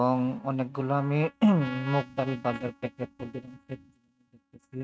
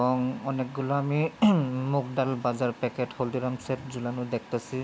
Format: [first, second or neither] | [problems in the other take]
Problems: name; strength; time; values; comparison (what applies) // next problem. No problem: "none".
second | noise reduction (neural mask model RNNoise)